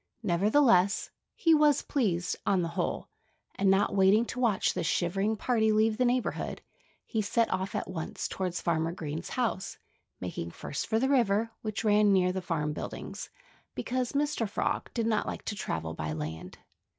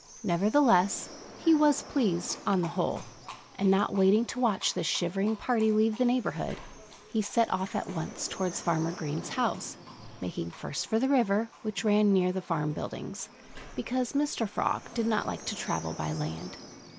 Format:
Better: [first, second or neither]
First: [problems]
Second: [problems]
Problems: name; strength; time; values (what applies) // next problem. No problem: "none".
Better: first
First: none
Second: background sound (Livestock, farm animals, working animals + Sliding door); 17 dB below the speech